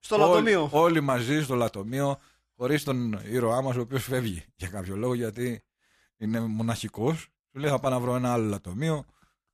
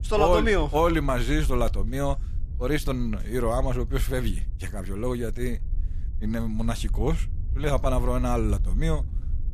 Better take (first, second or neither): first